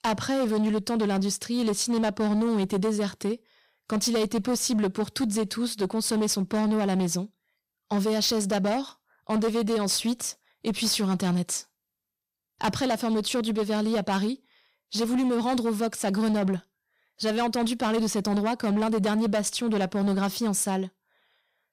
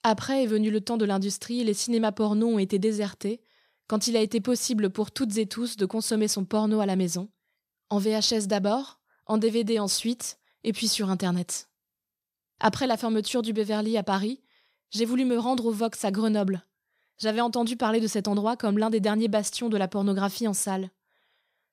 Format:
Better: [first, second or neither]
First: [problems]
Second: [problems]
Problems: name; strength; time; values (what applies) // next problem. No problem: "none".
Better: second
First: distortion; slight; 15% of the sound clipped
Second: none